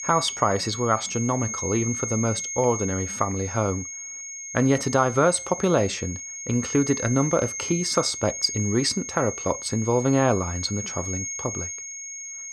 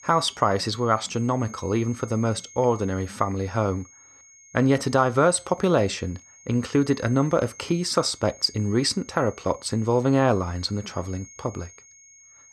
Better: second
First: high-pitched whine; loud; throughout; 6.5 kHz, 6 dB below the speech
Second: high-pitched whine; faint; throughout; 6.5 kHz, 20 dB below the speech

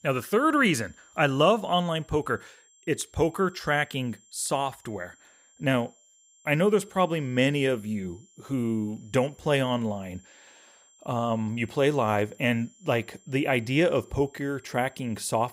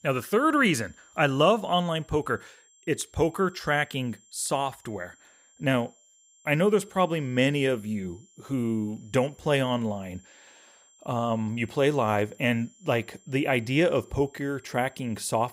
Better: neither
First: high-pitched whine; faint; throughout; 7.5 kHz, 30 dB below the speech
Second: high-pitched whine; faint; throughout; 7.5 kHz, 30 dB below the speech

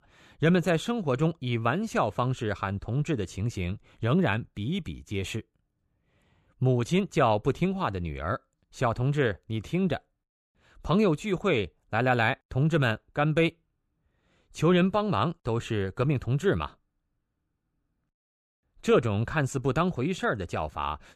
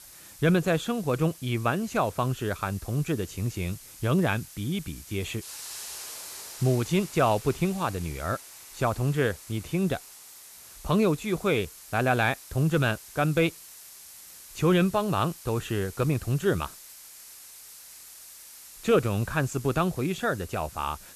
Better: first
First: none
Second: hiss; noticeable; throughout; 15 dB below the speech

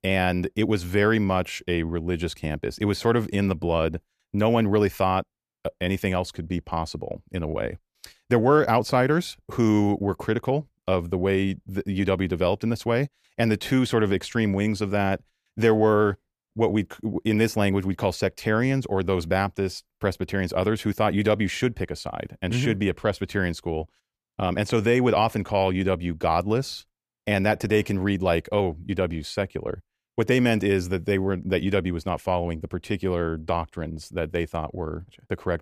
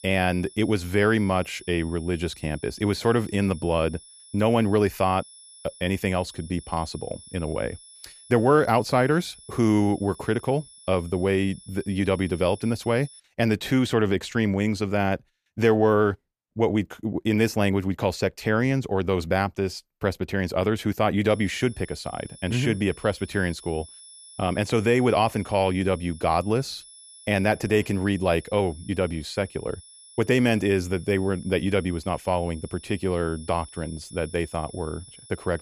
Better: first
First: none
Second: high-pitched whine; faint; until 13 s and from 21 s on; 10 kHz, 20 dB below the speech

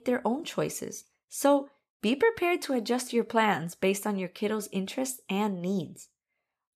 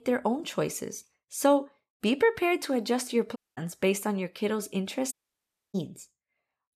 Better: first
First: none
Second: audio cutting out; at 3.5 s and at 5 s for 0.5 s

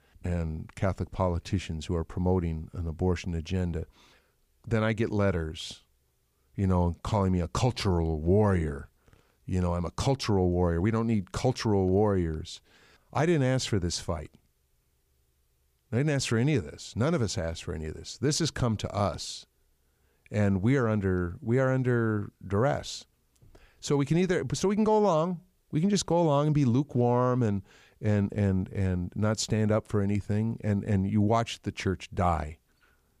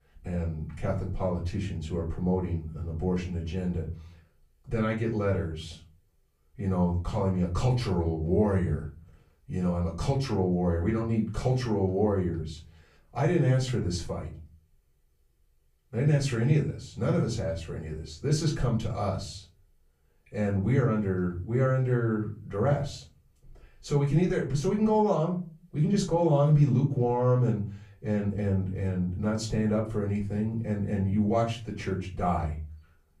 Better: first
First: none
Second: off-mic speech; far // room echo; slight; dies away in 0.4 s

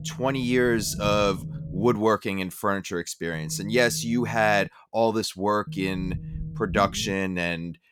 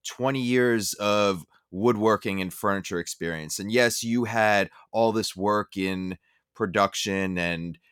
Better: second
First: low rumble; faint; until 2 s, from 3.5 to 4.5 s and from 5.5 to 7 s; 20 dB below the speech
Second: none

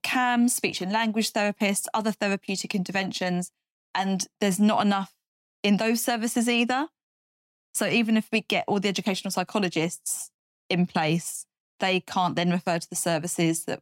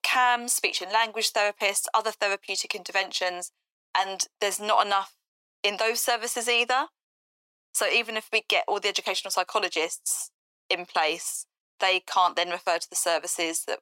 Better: first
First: none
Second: thin; very; fading below 450 Hz

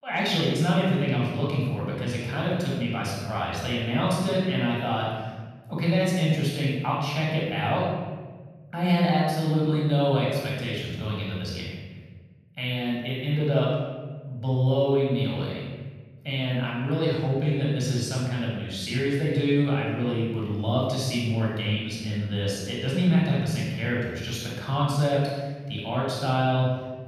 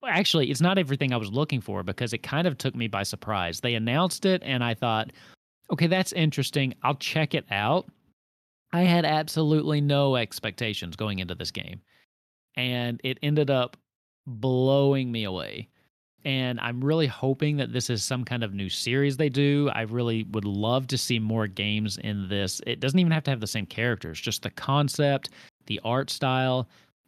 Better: second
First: off-mic speech; far // room echo; strong; dies away in 1.3 s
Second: none

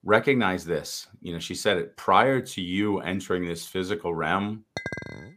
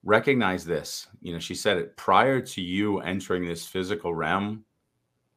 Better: second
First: clattering dishes; noticeable; at 5 s; peak 8 dB below the speech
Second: none

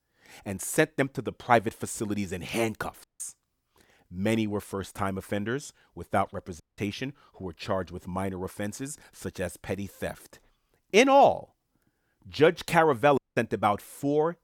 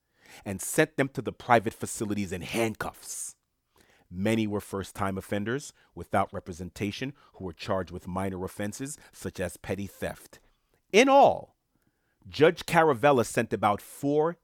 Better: second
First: audio cutting out; at 3 s, at 6.5 s and at 13 s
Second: none

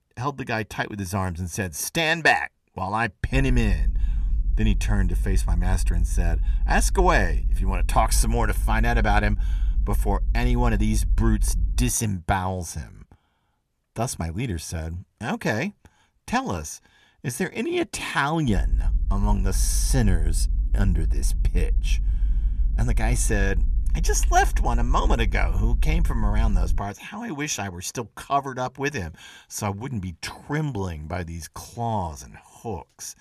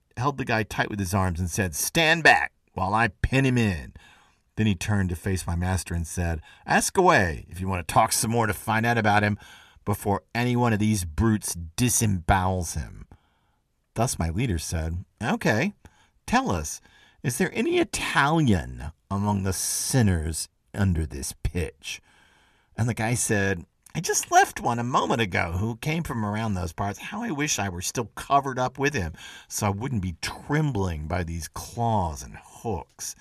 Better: second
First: low rumble; faint; from 3.5 to 12 s and from 19 to 27 s; 20 dB below the speech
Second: none

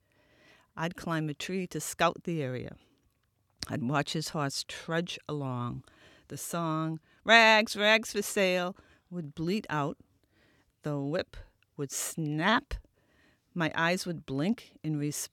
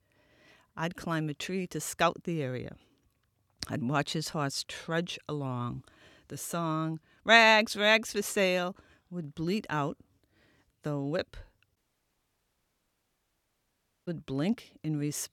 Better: first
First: none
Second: audio cutting out; at 12 s for 2.5 s

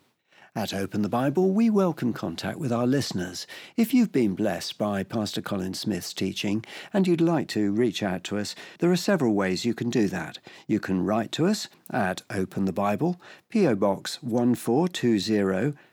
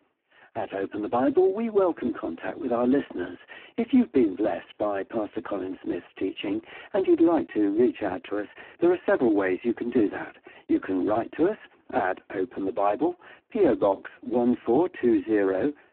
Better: first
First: none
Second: phone-call audio; poor line

